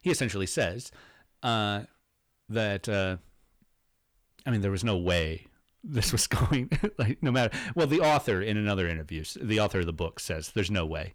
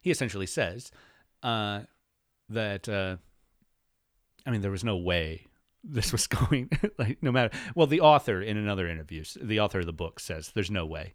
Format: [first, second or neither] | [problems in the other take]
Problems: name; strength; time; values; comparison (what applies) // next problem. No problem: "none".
second | distortion; heavy; 8 dB below the speech